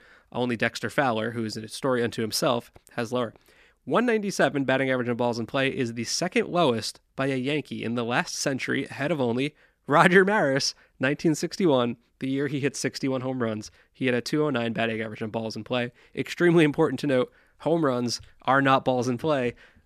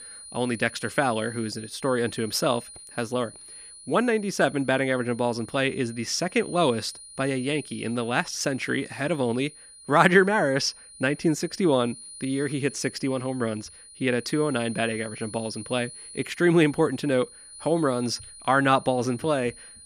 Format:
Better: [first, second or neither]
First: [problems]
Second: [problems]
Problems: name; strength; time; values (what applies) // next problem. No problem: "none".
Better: first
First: none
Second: high-pitched whine; noticeable; throughout; 9.5 kHz, 15 dB below the speech